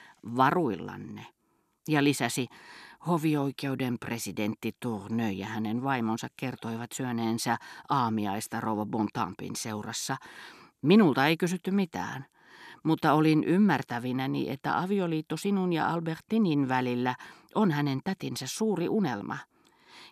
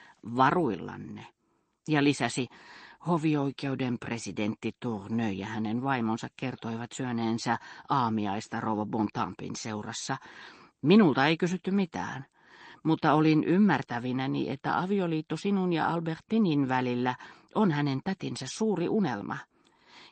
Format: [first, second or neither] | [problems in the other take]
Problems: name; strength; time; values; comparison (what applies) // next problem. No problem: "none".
first | garbled, watery; slightly; nothing above 8 kHz